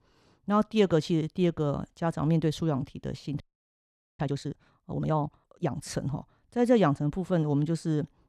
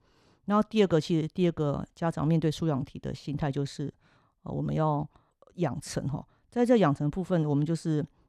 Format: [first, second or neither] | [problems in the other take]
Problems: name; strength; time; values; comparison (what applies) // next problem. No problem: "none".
second | audio freezing; at 3.5 s for 1 s